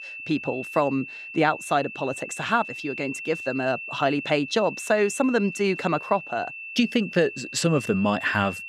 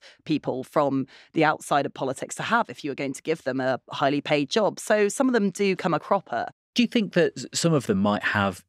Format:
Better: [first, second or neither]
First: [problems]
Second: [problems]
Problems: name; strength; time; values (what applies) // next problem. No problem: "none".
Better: second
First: high-pitched whine; loud; throughout; 2.5 kHz, 10 dB below the speech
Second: none